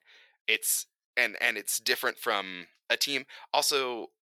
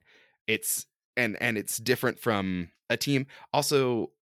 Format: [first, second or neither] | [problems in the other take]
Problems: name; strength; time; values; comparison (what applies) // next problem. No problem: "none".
second | thin; very; fading below 600 Hz